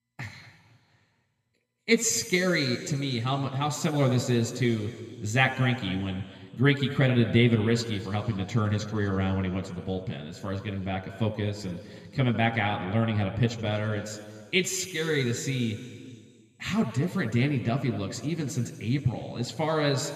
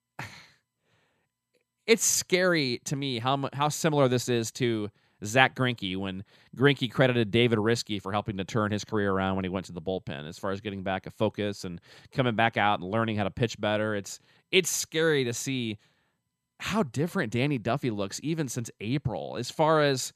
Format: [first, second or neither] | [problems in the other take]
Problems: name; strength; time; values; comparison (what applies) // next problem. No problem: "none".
second | room echo; slight; dies away in 2 s